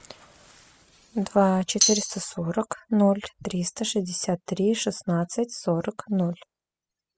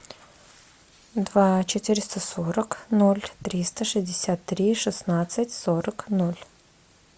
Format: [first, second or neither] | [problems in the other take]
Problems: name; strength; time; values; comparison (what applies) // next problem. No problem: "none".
second | noise reduction (classical method spectral subtraction)